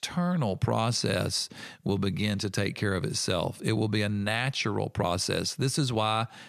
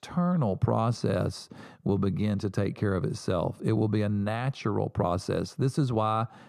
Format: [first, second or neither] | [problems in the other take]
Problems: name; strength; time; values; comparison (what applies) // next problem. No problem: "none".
first | muffled; slightly; fading above 1.5 kHz